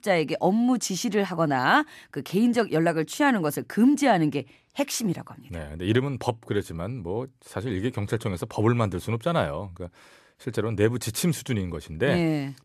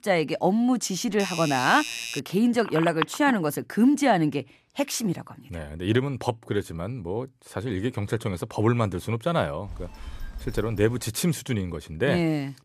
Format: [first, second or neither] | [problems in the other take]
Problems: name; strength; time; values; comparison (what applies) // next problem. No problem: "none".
first | doorbell; noticeable; from 1 to 2 s; peak 5 dB below the speech // phone ringing; noticeable; at 2.5 s; peak 5 dB below the speech // phone ringing; faint; from 9.5 to 11 s; peak 15 dB below the speech